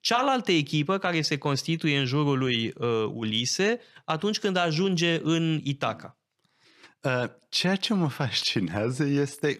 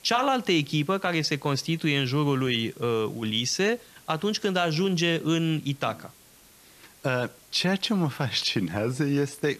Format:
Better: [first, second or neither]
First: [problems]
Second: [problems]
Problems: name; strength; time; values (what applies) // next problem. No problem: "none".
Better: first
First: none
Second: hiss; faint; throughout; 25 dB below the speech